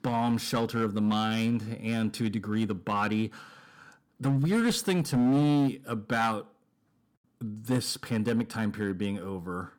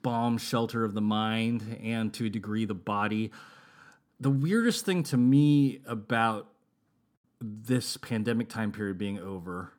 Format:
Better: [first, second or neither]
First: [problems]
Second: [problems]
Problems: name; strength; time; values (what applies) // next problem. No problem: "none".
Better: second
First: distortion; slight; 6% of the sound clipped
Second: none